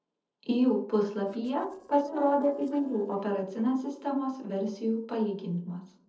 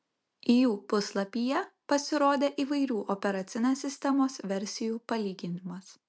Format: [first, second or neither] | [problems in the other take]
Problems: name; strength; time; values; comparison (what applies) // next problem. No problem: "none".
second | noise reduction (neural separator model SepFormer DNS4)